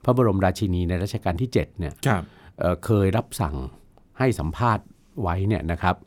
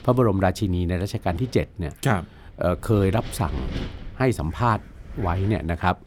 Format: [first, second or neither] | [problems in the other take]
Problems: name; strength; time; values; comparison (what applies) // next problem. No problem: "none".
first | wind noise on the microphone; occasional gusts; 15 dB below the speech